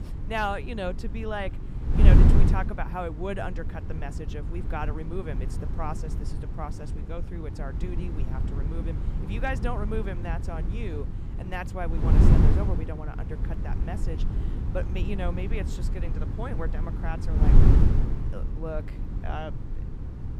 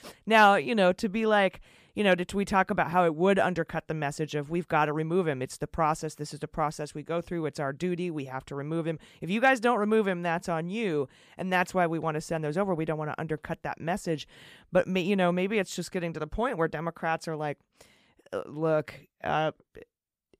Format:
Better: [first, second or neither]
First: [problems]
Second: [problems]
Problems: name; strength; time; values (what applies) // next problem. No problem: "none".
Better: second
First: wind noise on the microphone; heavy; 4 dB below the speech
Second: none